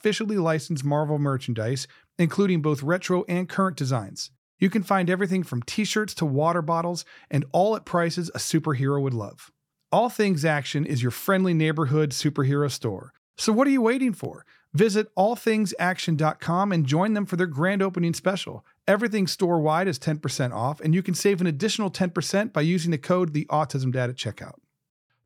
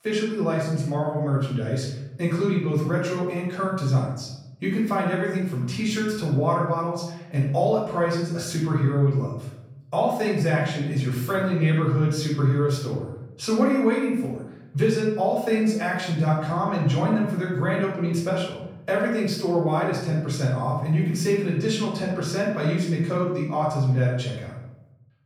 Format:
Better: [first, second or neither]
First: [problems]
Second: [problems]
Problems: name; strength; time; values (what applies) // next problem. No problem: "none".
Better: first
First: none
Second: off-mic speech; far // room echo; noticeable; dies away in 0.8 s